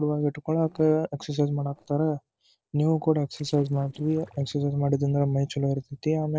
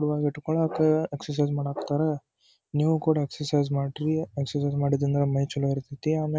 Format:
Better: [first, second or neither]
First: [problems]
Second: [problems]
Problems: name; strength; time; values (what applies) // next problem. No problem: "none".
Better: second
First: noise reduction (neural separator model SepFormer DNS4)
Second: none